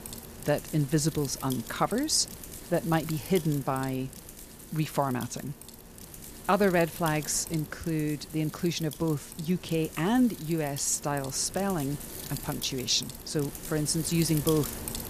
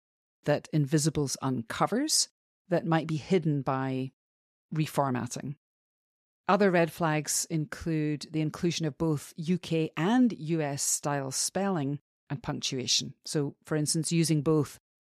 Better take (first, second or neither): second